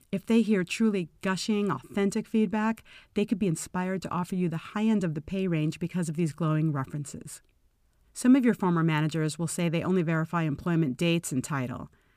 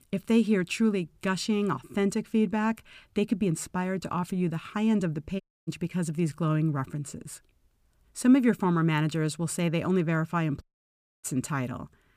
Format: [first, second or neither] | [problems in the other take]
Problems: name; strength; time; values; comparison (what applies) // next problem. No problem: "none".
first | audio cutting out; at 5.5 s and at 11 s for 0.5 s